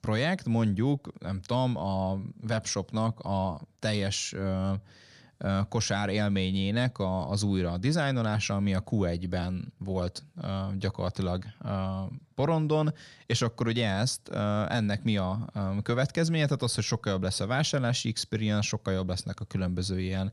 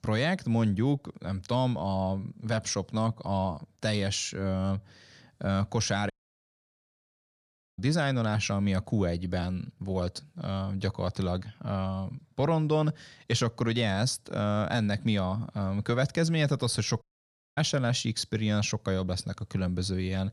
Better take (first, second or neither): first